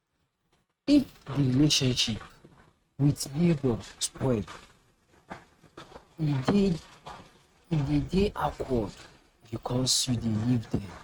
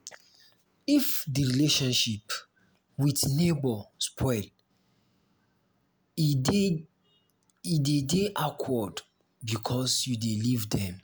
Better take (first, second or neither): second